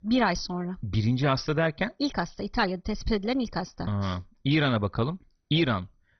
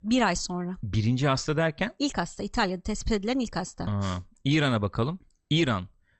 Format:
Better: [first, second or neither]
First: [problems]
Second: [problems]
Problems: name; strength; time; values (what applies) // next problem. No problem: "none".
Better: second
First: garbled, watery; badly; nothing above 6 kHz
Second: garbled, watery; slightly; nothing above 8 kHz